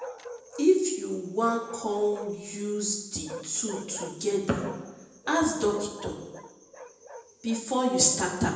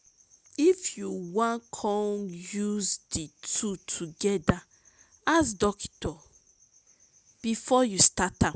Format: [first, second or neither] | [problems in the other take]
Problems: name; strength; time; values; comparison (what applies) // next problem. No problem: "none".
second | background sound (Bark); 16 dB below the speech // room echo; dies away in 0.9 s